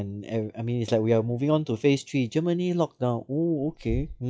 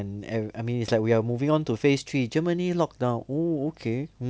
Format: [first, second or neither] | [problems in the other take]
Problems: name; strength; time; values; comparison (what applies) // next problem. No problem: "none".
second | noise reduction (classical method WPE with log-MMSE)